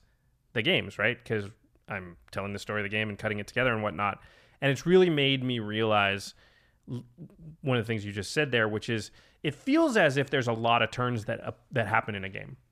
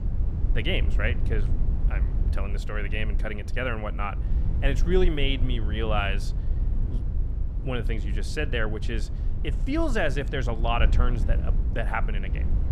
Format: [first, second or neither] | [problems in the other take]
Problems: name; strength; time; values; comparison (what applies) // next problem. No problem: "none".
first | low rumble; noticeable; throughout; 15 dB below the speech